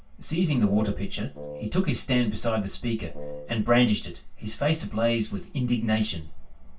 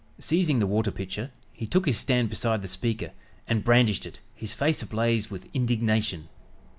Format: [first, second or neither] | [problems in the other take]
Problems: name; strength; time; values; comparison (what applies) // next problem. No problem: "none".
second | background sound (Wind instrument, woodwind instrument); 14 dB below the speech // room echo; dies away in 0.2 s